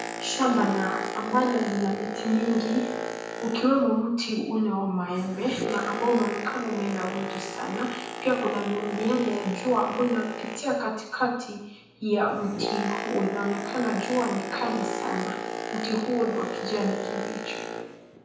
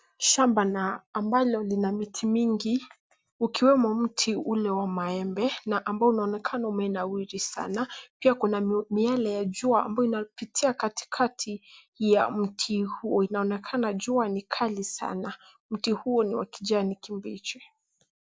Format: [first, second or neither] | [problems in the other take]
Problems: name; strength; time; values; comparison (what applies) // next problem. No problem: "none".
second | background sound (Boat, Water vehicle); 6 dB below the speech // room echo; dies away in 0.9 s